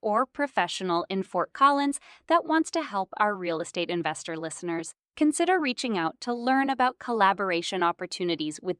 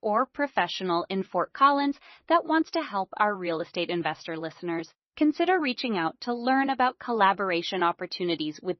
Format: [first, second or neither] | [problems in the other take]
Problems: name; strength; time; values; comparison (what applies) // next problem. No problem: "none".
first | garbled, watery; slightly; nothing above 6 kHz